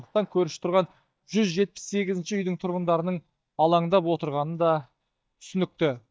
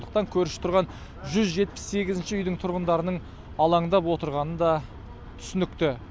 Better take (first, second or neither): second